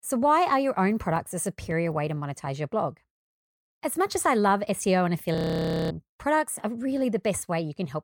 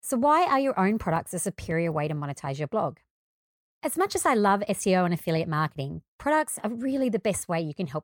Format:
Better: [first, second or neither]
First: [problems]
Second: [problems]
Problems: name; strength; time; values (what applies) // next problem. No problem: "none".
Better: second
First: audio freezing; at 5.5 s for 0.5 s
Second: none